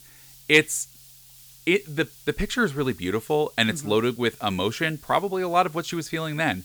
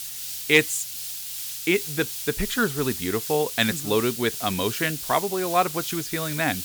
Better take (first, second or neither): first